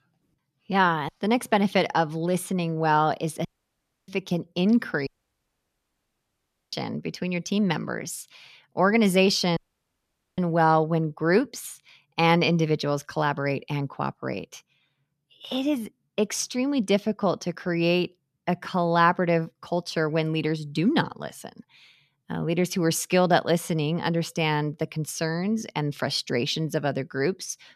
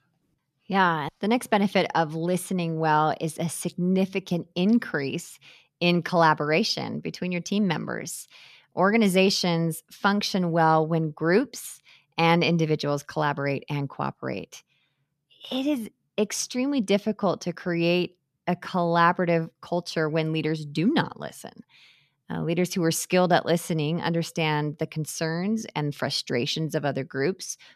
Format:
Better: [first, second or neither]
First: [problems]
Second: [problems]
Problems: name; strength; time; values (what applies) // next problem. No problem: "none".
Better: second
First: audio cutting out; at 3.5 s for 0.5 s, at 5 s for 1.5 s and at 9.5 s for 1 s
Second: none